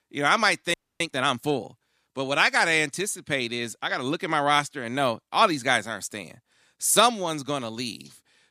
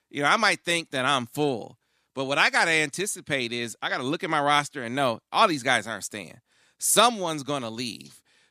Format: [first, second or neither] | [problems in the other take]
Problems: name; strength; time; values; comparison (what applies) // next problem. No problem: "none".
second | audio freezing; at 0.5 s